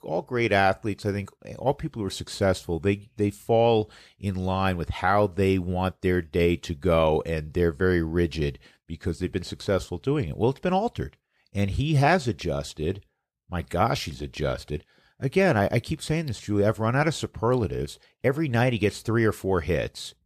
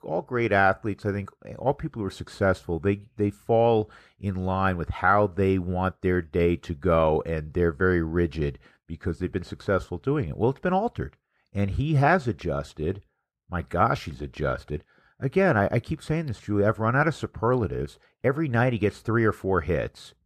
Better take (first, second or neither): first